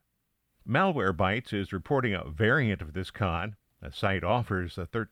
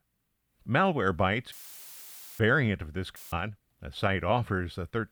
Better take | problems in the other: first | audio cutting out; filled with static; at 1.5 s for 1 s and at 3 s

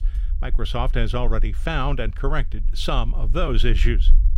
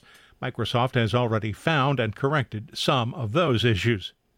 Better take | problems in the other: second | low rumble; faint; throughout; 20 dB below the speech

